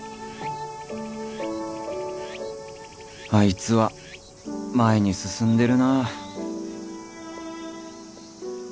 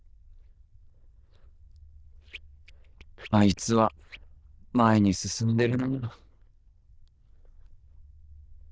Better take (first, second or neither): first